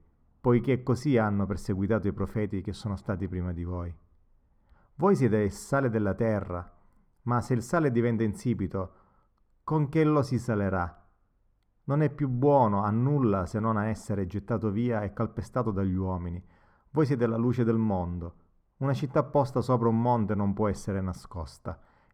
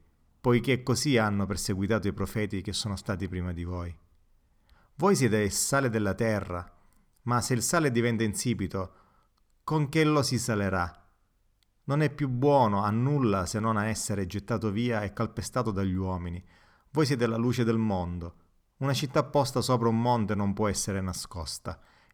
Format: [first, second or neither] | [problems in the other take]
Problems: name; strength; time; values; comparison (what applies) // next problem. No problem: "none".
second | muffled; very; fading above 2 kHz